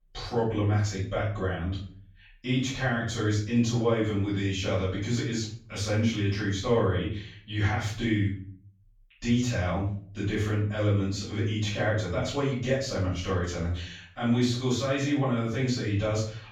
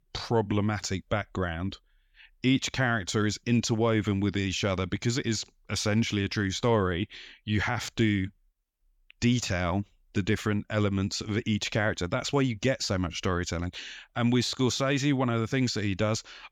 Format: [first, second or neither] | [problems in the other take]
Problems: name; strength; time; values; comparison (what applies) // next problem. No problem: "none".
second | off-mic speech; far // room echo; noticeable; dies away in 0.5 s